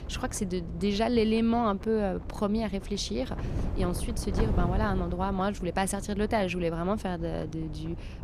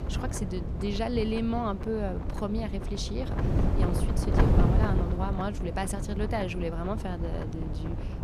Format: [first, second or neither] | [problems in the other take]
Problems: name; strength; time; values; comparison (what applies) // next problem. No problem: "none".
first | wind noise on the microphone; heavy; 3 dB below the speech; occasional gusts in the first